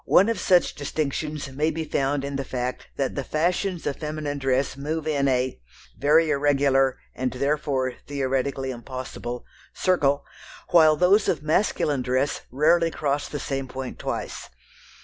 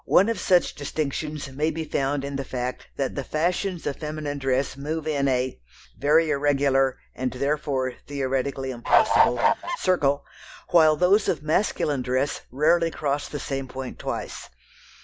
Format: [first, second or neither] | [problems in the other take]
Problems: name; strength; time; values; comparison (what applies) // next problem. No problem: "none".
first | background sound (Bird / Fowl); 4 dB above the speech